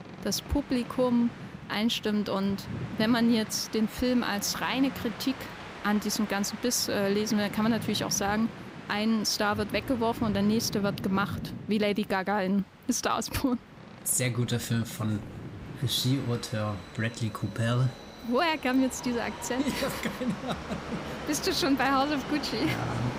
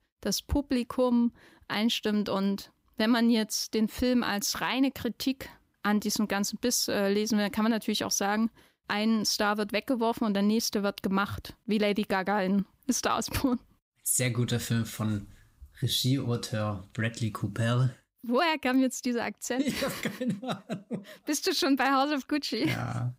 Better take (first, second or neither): second